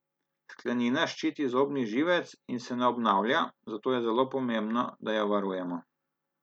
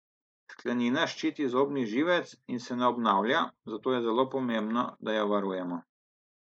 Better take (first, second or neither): first